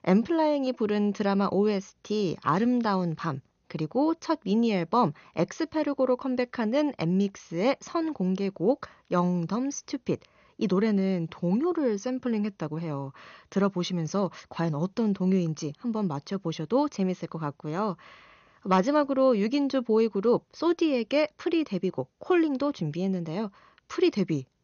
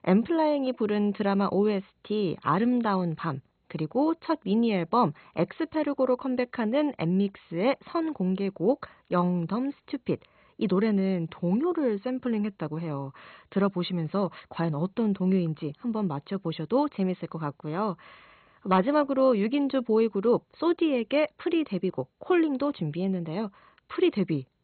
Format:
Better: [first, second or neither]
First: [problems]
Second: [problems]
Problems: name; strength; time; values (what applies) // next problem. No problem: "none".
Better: first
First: garbled, watery; slightly; nothing above 6.5 kHz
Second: garbled, watery; badly; nothing above 4 kHz